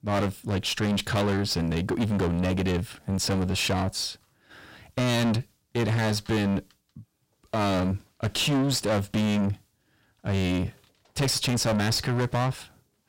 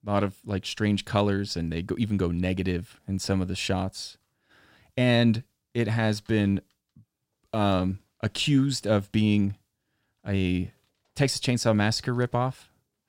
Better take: second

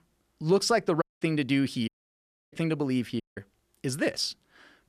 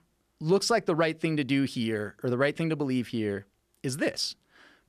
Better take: second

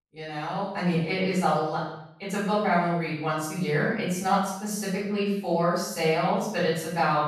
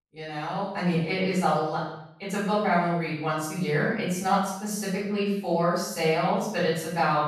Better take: neither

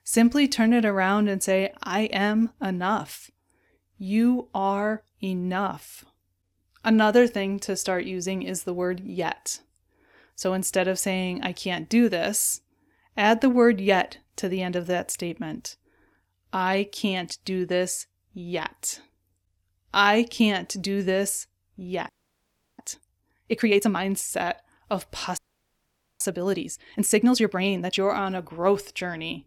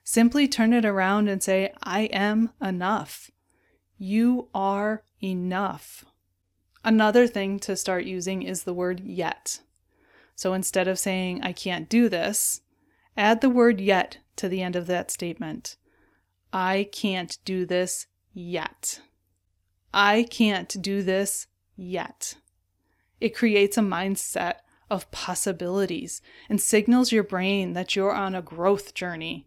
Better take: second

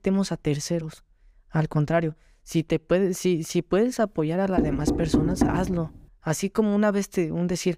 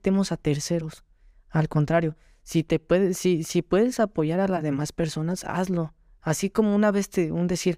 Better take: second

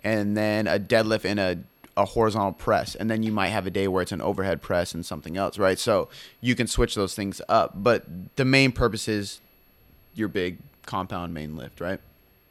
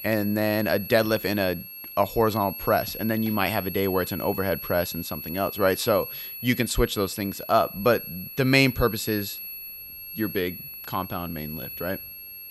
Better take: first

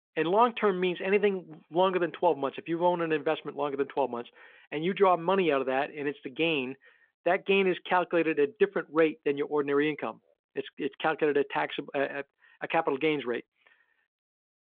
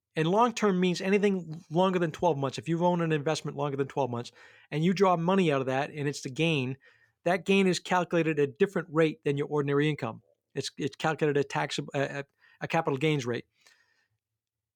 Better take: second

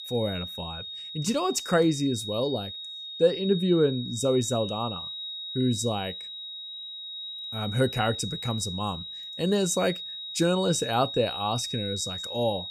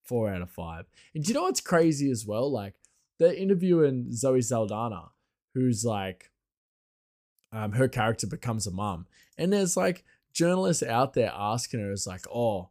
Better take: second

